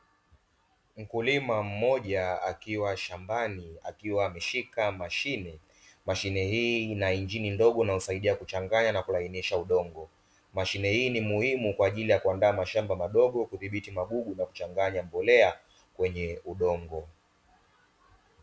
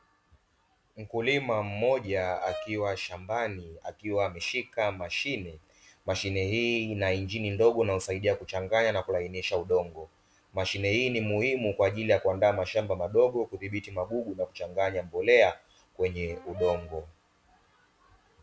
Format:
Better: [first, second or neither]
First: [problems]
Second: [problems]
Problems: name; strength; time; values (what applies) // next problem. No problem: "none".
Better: first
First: none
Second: background sound (Brass instrument); 15 dB below the speech